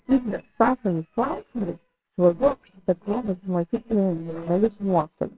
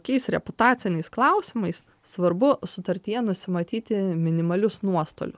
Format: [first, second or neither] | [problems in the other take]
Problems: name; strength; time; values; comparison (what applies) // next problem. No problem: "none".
second | noise reduction (neural separator model SepFormer WHAMR!)